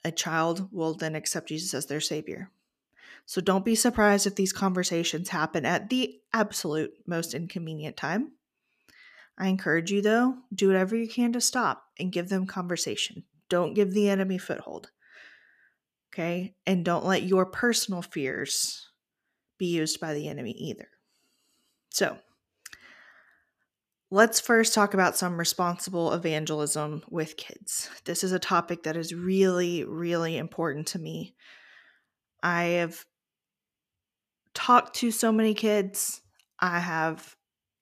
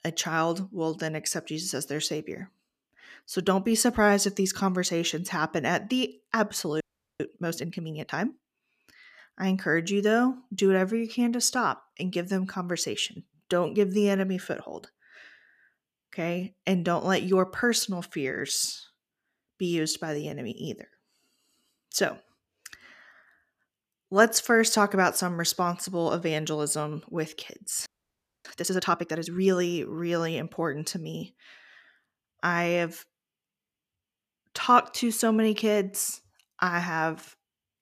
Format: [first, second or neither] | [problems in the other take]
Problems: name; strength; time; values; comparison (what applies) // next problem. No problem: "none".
first | audio freezing; at 7 s and at 28 s for 0.5 s